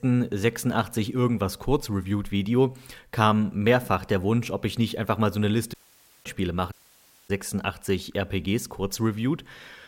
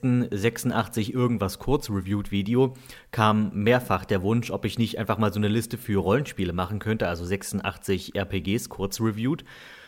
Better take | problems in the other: second | audio cutting out; at 5.5 s for 0.5 s and at 6.5 s for 0.5 s

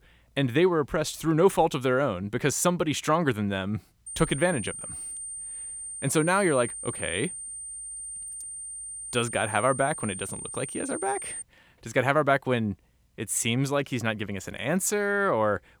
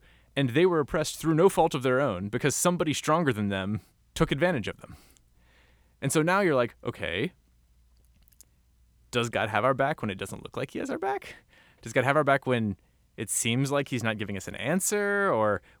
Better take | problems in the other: second | high-pitched whine; loud; from 4 to 11 s; 9 kHz, 8 dB below the speech

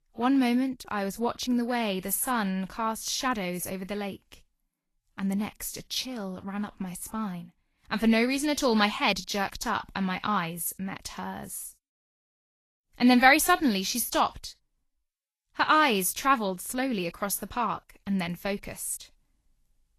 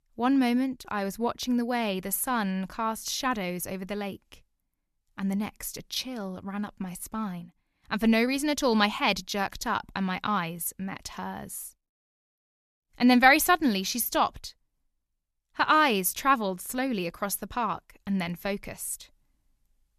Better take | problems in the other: second | garbled, watery; slightly; nothing above 12.5 kHz

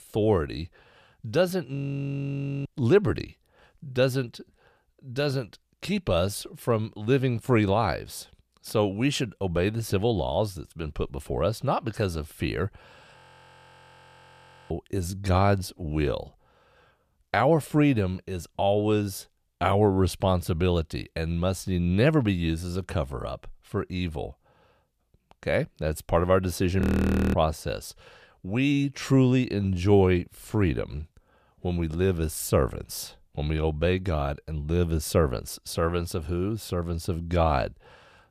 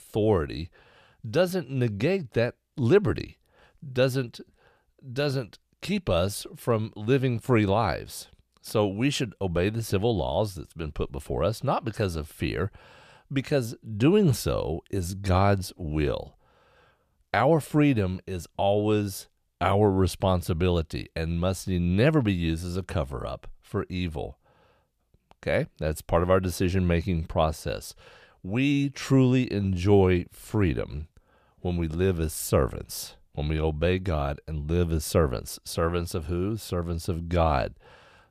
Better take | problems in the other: second | audio freezing; at 2 s for 1 s, at 13 s for 1.5 s and at 27 s for 0.5 s

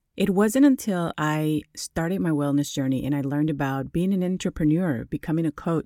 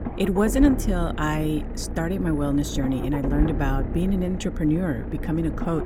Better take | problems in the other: first | low rumble; loud; throughout; 9 dB below the speech

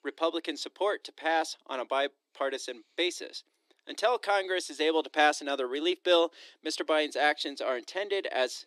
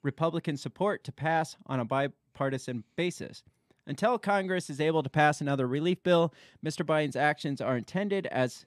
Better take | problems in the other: second | thin; somewhat; fading below 300 Hz

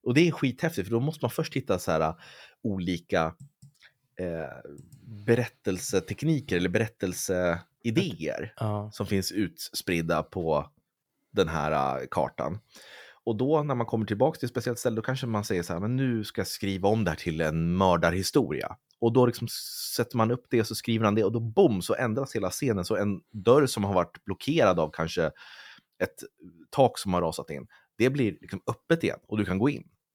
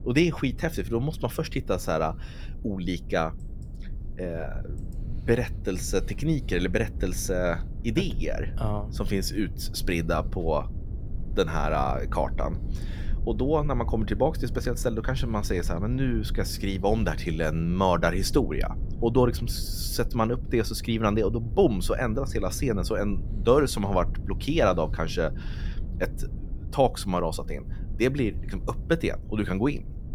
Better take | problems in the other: first | low rumble; faint; throughout; 20 dB below the speech

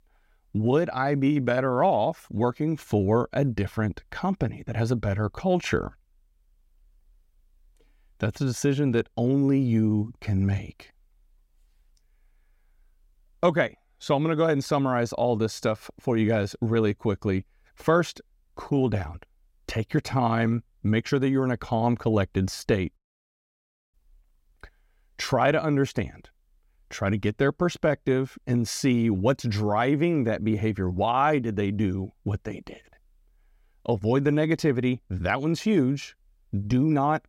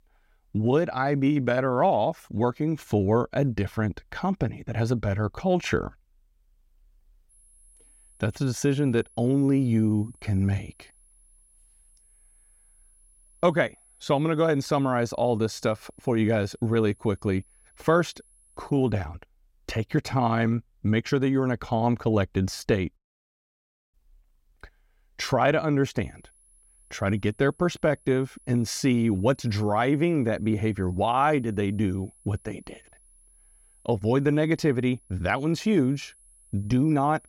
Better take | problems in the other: first | high-pitched whine; faint; from 7.5 to 19 s and from 26 s on; 10.5 kHz, 30 dB below the speech

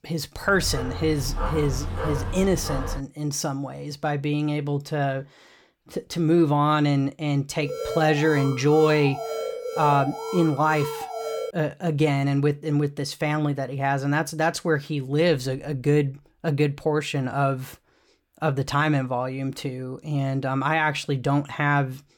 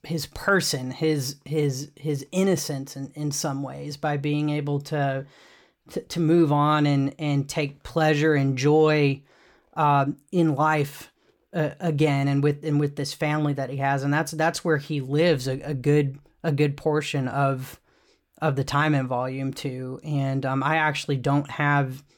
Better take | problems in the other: second | dog barking; noticeable; until 3 s; peak 5 dB below the speech // alarm; noticeable; from 7.5 to 12 s; peak 5 dB below the speech

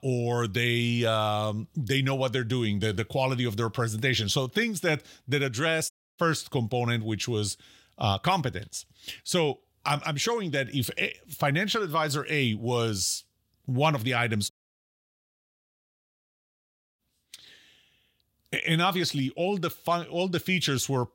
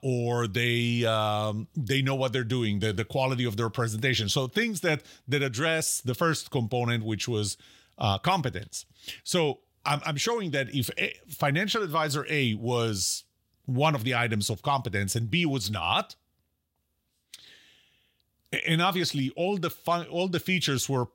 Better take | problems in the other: second | audio cutting out; at 6 s and at 15 s for 2.5 s

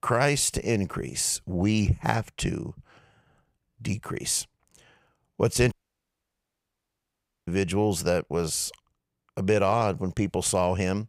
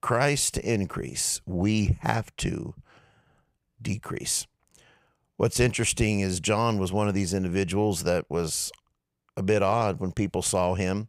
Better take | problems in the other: second | audio cutting out; at 5.5 s for 2 s

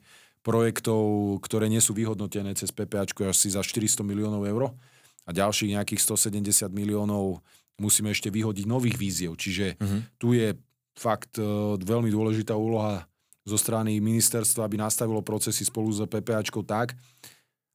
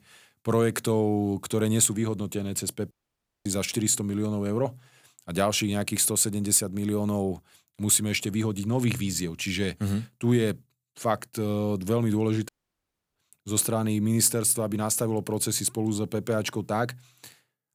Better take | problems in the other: first | audio cutting out; at 3 s for 0.5 s and at 12 s for 0.5 s

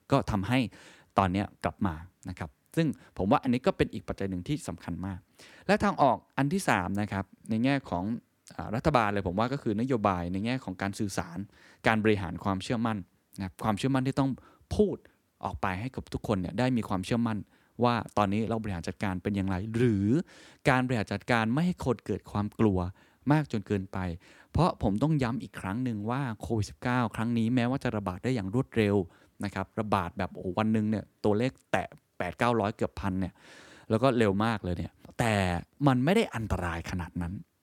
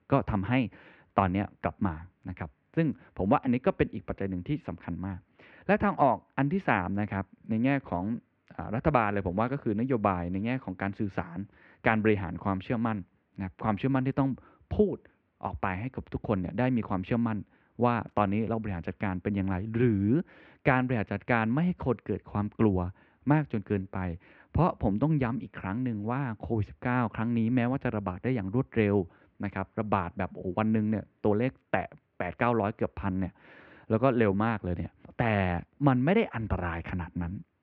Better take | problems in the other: first | muffled; very; fading above 2.5 kHz

